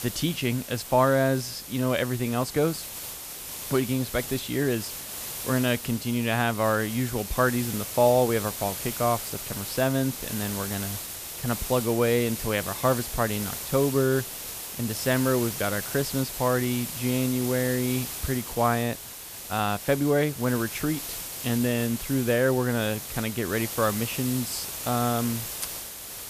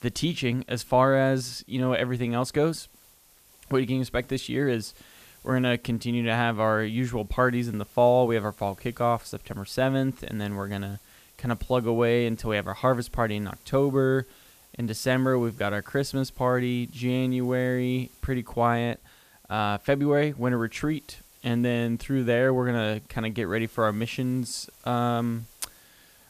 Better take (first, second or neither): second